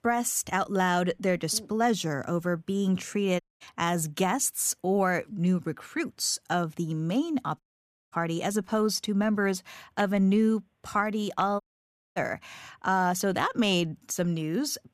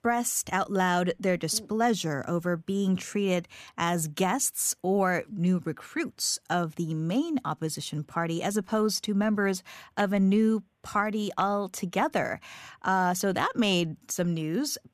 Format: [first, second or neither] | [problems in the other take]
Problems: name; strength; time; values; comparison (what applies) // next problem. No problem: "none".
second | audio cutting out; at 3.5 s, at 7.5 s for 0.5 s and at 12 s for 0.5 s